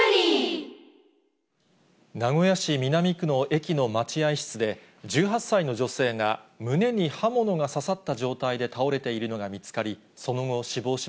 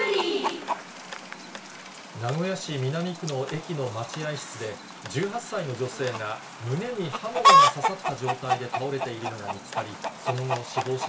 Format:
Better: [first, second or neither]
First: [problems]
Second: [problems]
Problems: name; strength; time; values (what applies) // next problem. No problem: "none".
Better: first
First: none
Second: background sound (Chicken, rooster); 3 dB above the speech // room echo; dies away in 0.2 s